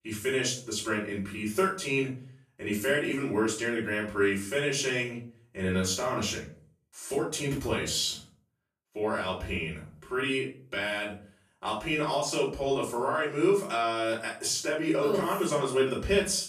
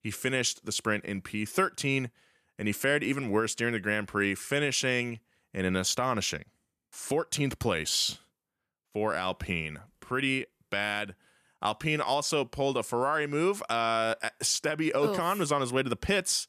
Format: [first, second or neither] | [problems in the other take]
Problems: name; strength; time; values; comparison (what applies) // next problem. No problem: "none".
second | room echo; slight; dies away in 0.4 s // off-mic speech; far